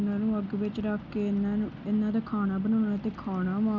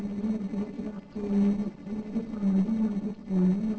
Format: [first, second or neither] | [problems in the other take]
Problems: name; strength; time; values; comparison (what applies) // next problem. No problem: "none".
first | noise reduction (neural separator model SepFormer DNS4)